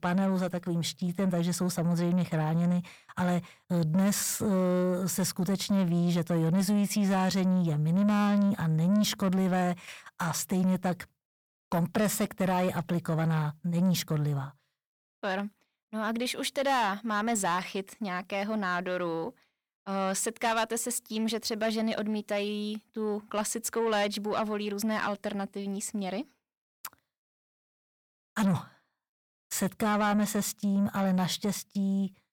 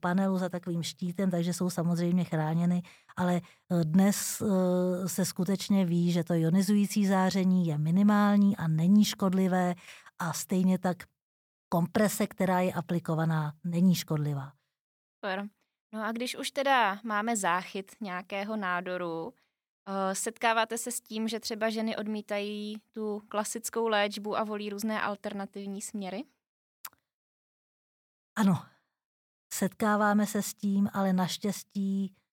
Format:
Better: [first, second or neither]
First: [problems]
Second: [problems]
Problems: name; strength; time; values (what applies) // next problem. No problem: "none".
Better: second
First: distortion; slight; 10 dB below the speech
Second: none